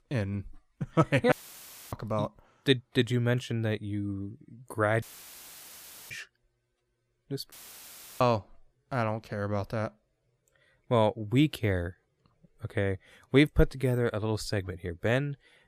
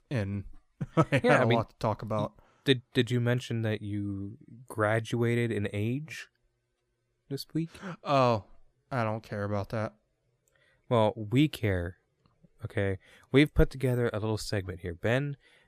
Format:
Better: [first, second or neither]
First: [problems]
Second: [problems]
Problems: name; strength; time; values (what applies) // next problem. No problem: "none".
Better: second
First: audio cutting out; filled with static; at 1.5 s for 0.5 s, at 5 s for 1 s and at 7.5 s for 0.5 s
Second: none